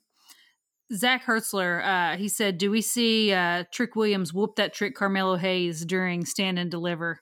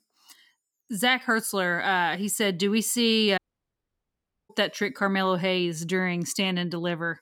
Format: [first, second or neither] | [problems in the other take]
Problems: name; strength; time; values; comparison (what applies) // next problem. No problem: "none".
first | audio cutting out; at 3.5 s for 1 s